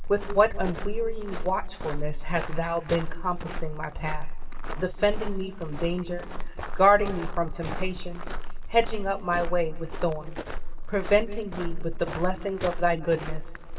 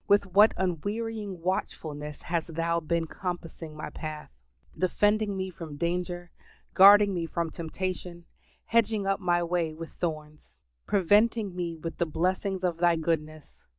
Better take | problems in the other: second | background sound (Walk, footsteps); 1 dB below the speech // room echo; dies away in 2 s

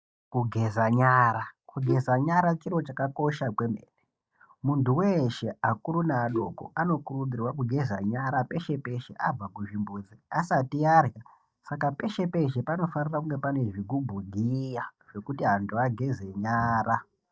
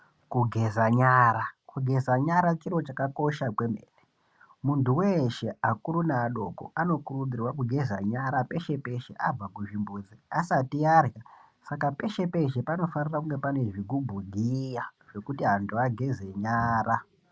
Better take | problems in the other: second | noise reduction (neural mask model DeepFilterNet 3)

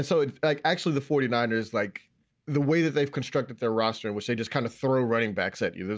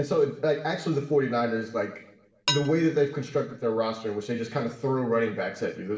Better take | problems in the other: first | background sound (Dishes, pots, and pans); 11 dB below the speech // room echo; dies away in 0.8 s

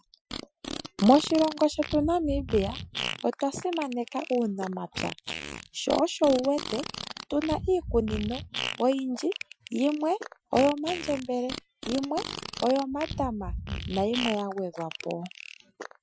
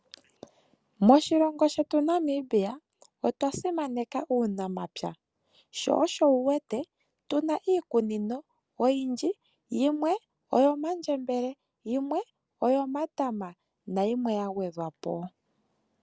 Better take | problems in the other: second | noise reduction (classical method Wiener filter)

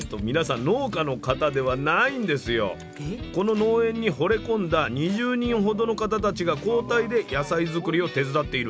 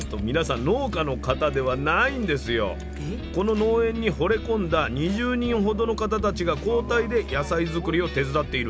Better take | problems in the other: first | background sound (Musical instrument); 10 dB below the speech

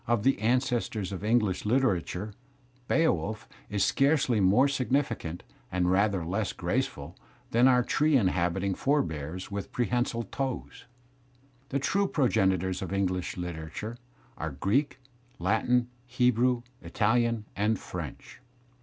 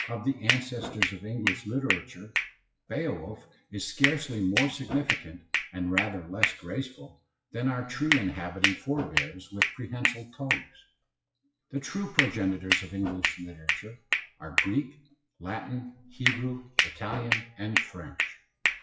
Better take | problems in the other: first | noise reduction (classical method WPE with log-MMSE)

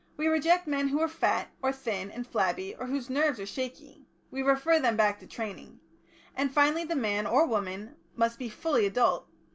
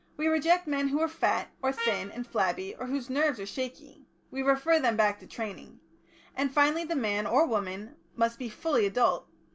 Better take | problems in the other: first | background sound (Trumpet); 10 dB below the speech

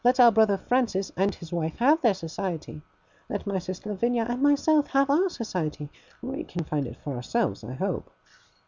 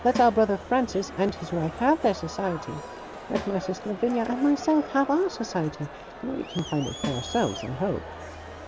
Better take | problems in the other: first | background sound (Crowd + Snare drum); 11 dB below the speech

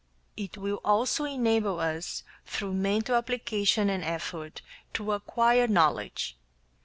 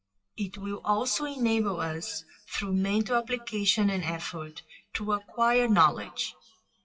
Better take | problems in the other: first | noise reduction (classical method WPE with log-MMSE)

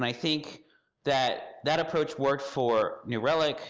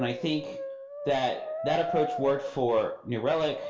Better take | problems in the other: first | background sound (Brass instrument); 8 dB below the speech // room echo; dies away in 0.3 s

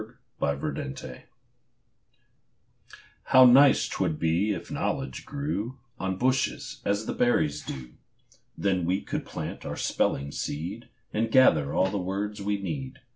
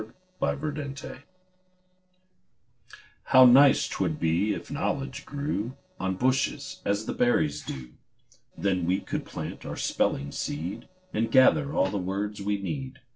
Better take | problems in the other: first | noise reduction (neural separator model SepFormer DNS4)

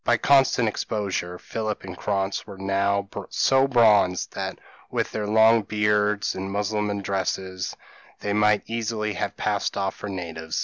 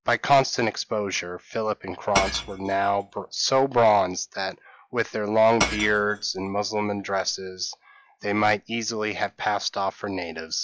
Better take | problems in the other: first | noise reduction (classical method log-MMSE)

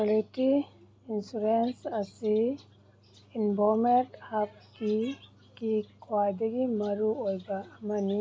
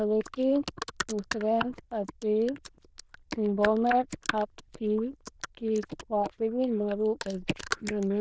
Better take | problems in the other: first | noise reduction (neural diffusion model UNIVERSE++)

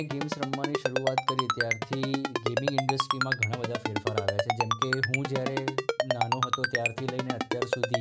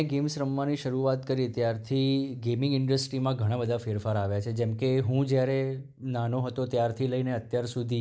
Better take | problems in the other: second | background sound (Ringtone); 4 dB above the speech

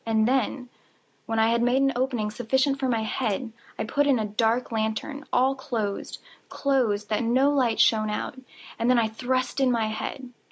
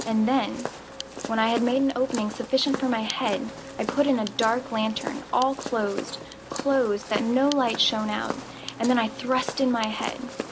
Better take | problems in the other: first | background sound (Walk, footsteps); 10 dB below the speech

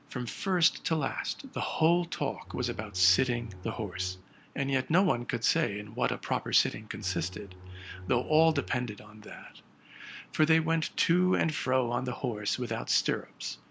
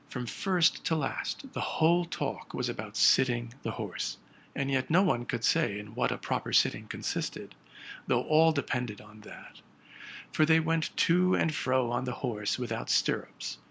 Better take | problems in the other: second | background sound (Bowed string instrument); 14 dB below the speech

